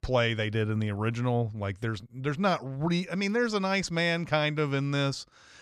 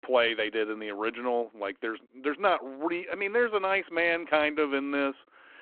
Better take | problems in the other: first | phone-call audio

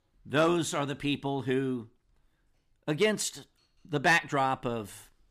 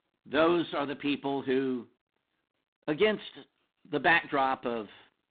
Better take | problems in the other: first | phone-call audio; poor line; nothing above 4 kHz

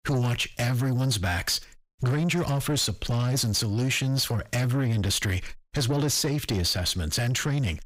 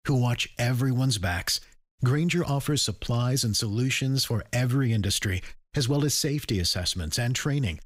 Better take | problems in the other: second | distortion; slight; 10 dB below the speech

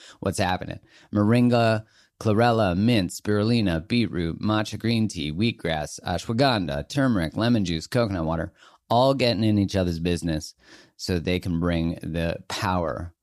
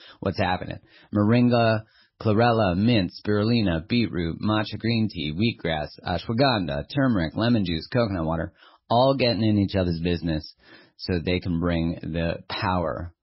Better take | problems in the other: first | garbled, watery; badly; nothing above 5.5 kHz

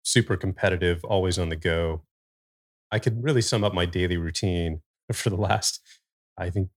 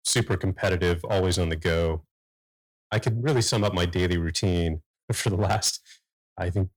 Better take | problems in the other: first | distortion; slight; 6% of the sound clipped

